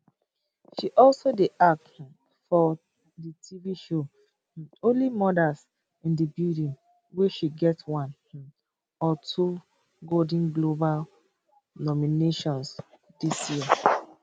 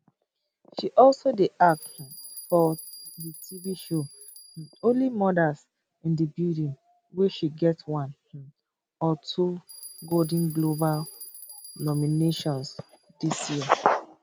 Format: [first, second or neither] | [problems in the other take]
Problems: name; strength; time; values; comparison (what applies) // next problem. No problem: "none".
first | background sound (Bell); 18 dB below the speech